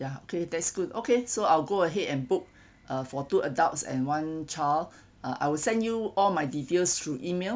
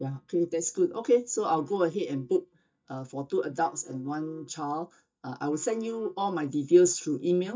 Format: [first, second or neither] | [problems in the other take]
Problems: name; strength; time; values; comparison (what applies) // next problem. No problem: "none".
first | noise reduction (neural mask model DeepFilterNet 3)